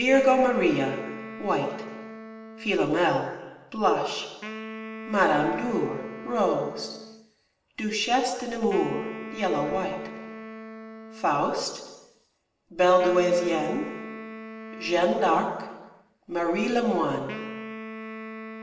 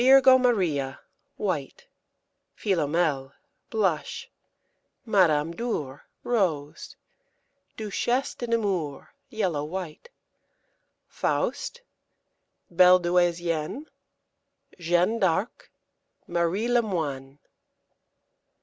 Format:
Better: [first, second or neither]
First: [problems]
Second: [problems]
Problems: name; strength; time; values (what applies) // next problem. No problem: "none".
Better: second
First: background sound (Wind instrument, woodwind instrument); 13 dB below the speech // room echo; dies away in 1.2 s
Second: none